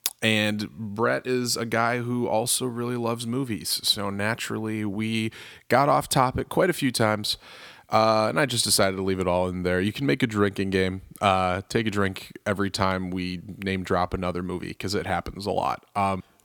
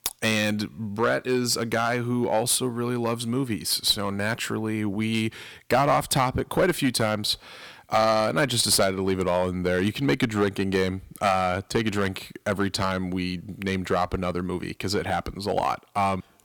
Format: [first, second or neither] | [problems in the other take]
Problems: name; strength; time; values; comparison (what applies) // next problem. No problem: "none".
first | distortion; slight; 3% of the sound clipped